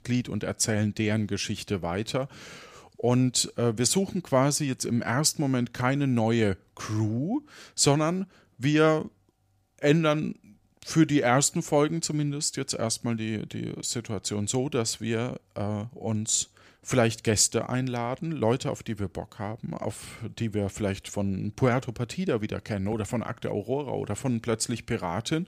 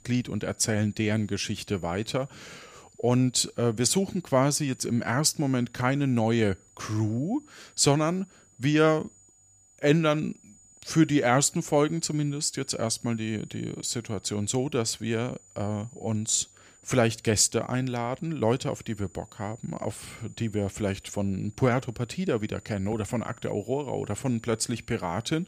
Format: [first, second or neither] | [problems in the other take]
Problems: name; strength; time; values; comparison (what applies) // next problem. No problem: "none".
first | high-pitched whine; faint; throughout; 7 kHz, 30 dB below the speech